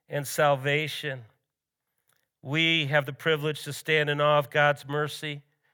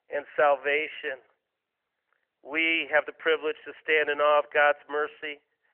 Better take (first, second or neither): first